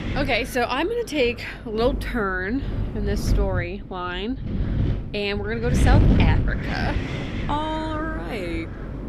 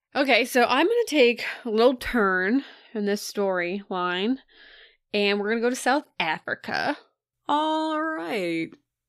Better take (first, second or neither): second